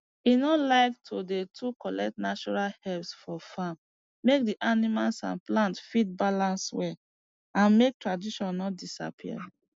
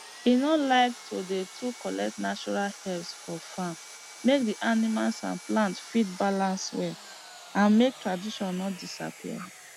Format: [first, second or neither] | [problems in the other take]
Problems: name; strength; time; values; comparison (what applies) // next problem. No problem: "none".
first | background sound (Sawing); 17 dB below the speech